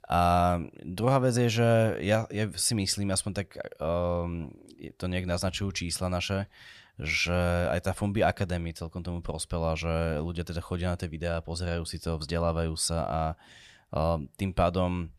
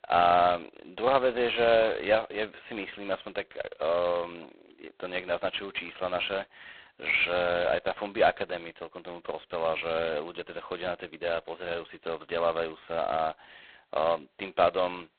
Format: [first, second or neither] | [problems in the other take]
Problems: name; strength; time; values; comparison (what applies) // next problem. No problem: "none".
first | phone-call audio; poor line; nothing above 4 kHz